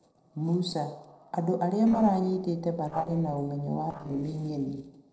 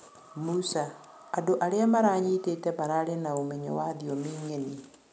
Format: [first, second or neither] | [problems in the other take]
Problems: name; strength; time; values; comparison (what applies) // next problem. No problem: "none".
second | noise reduction (neural separator model SepFormer DNS4)